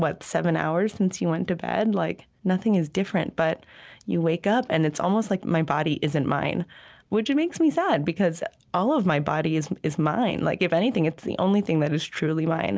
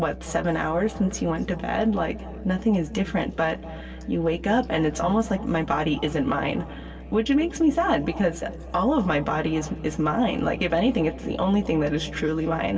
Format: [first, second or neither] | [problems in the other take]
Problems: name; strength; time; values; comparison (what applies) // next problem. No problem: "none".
first | background sound (Musical instrument); 15 dB below the speech // room echo; dies away in 2.4 s